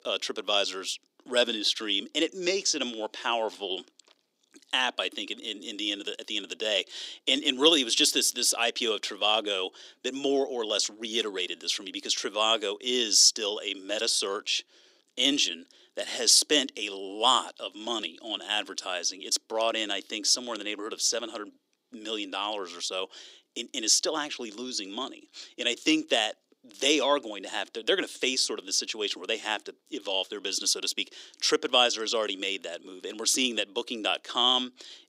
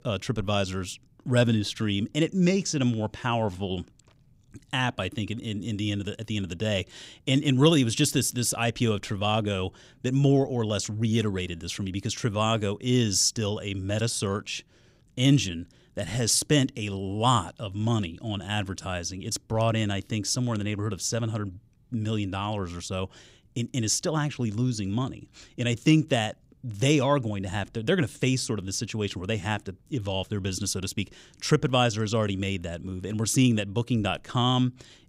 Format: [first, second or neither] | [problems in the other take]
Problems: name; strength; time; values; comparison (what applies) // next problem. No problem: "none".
second | thin; somewhat; fading below 300 Hz